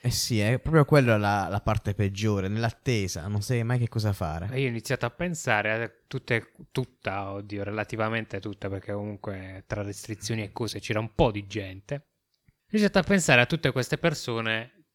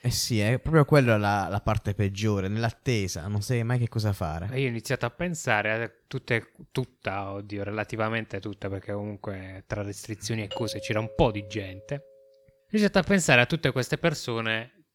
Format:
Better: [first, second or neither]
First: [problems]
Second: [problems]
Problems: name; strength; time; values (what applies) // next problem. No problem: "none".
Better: first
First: none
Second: doorbell; faint; from 11 to 12 s; peak 10 dB below the speech